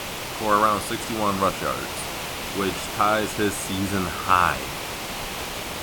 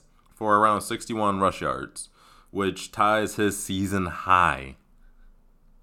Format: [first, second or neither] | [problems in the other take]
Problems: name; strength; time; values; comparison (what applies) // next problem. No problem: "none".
second | hiss; loud; throughout; 6 dB below the speech